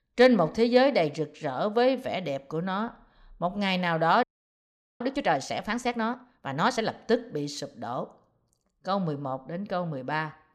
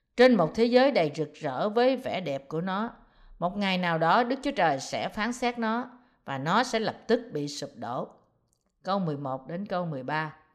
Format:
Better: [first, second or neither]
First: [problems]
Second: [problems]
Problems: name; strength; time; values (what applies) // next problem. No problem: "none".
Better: second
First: audio freezing; at 4 s for 1 s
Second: none